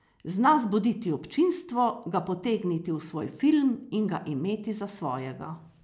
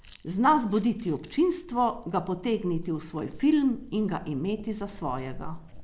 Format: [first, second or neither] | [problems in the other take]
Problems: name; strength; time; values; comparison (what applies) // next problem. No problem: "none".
first | background sound (Chewing, mastication); 15 dB below the speech